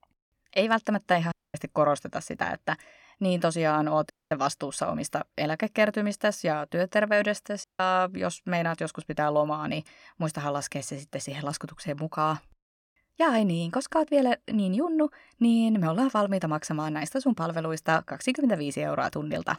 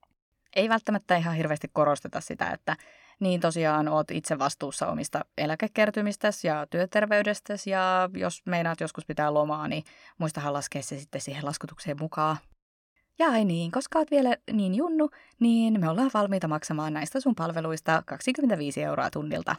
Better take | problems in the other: second | audio cutting out; at 1.5 s, at 4 s and at 7.5 s

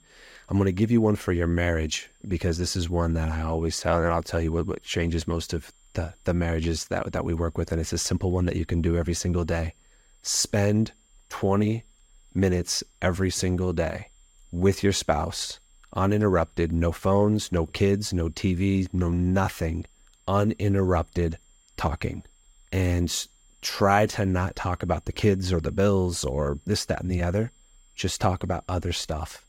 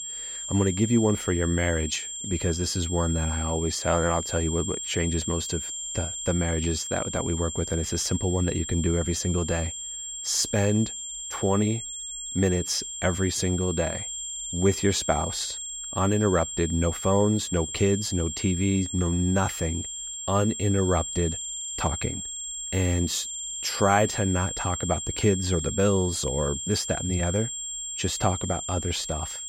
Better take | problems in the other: first | high-pitched whine; loud; throughout; 7.5 kHz, 5 dB below the speech; faint in the first

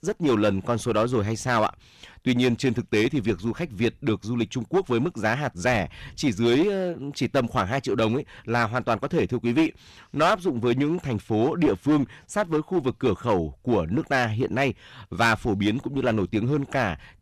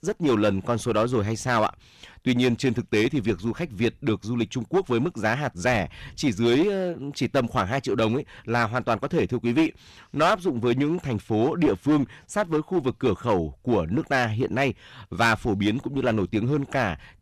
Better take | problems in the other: neither | distortion; slight; 6% of the sound clipped; the same in both

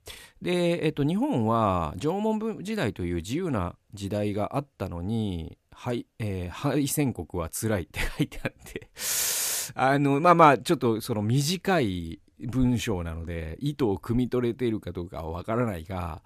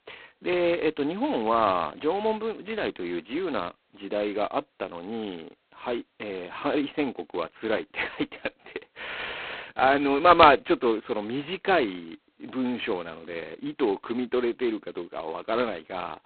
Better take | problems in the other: first | phone-call audio; poor line; nothing above 4 kHz

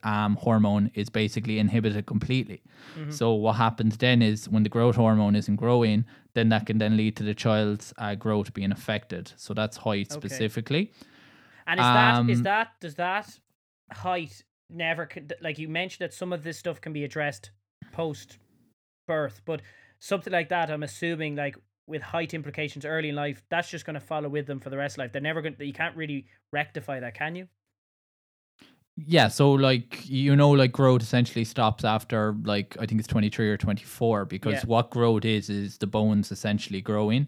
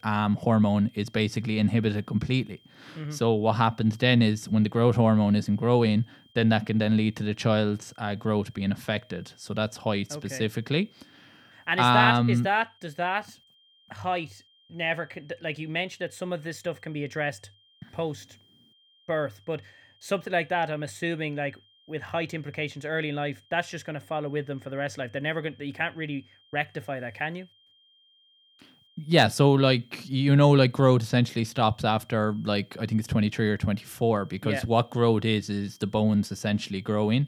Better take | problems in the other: first | high-pitched whine; faint; throughout; 3 kHz, 35 dB below the speech

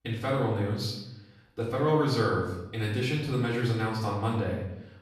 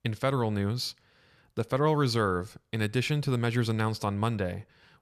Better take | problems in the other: second | off-mic speech; far // room echo; noticeable; dies away in 0.8 s

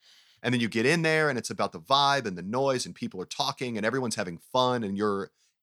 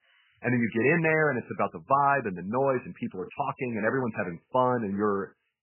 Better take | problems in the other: first | garbled, watery; badly; nothing above 2.5 kHz

